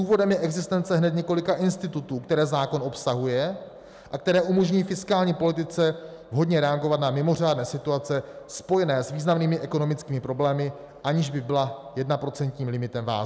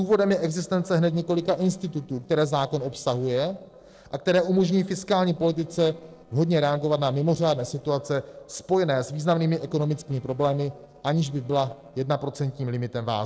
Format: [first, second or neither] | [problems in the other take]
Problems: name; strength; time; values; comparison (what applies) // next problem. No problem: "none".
first | noise reduction (neural separator model SepFormer DNS4)